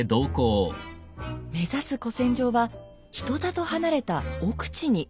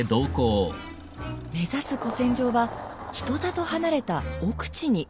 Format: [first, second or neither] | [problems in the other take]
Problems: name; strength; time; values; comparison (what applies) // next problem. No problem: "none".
first | background sound (Engine starting); 14 dB below the speech